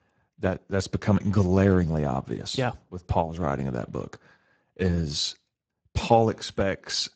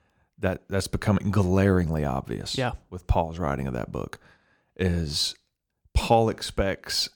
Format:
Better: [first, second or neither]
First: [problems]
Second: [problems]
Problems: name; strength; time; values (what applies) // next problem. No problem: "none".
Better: second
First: garbled, watery; badly; nothing above 7.5 kHz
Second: none